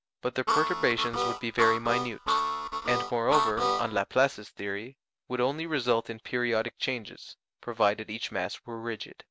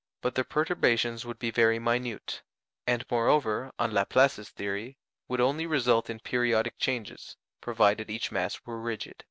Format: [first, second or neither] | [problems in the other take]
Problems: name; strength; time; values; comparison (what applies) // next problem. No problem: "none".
second | background sound (Harmonica); 1 dB above the speech